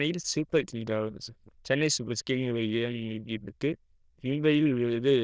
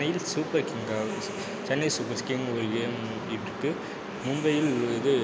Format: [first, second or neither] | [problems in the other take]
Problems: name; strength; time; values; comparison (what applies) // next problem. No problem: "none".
second | noise reduction (neural diffusion model UNIVERSE++)